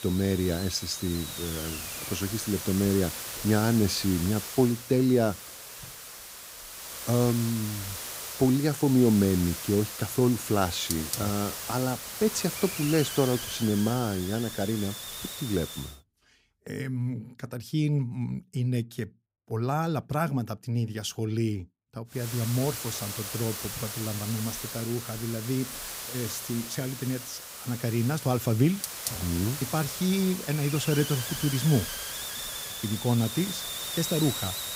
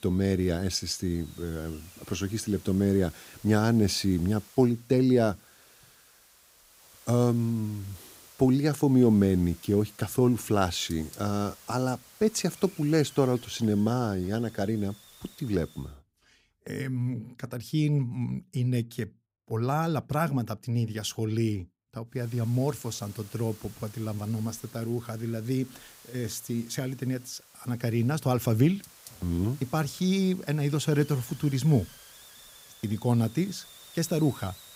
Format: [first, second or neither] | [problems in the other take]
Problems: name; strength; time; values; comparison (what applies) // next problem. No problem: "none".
second | hiss; loud; until 16 s and from 22 s on; 6 dB below the speech; faint in the second